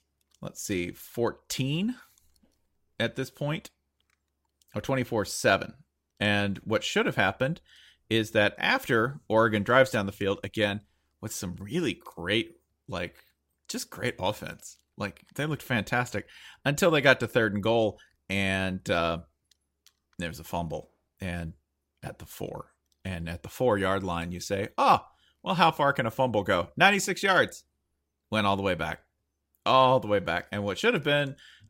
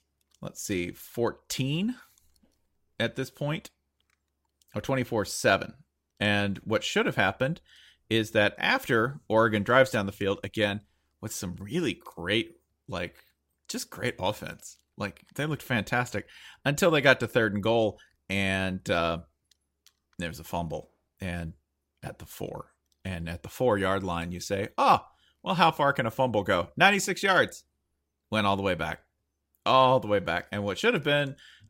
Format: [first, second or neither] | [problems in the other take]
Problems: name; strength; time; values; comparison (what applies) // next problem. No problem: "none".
neither | none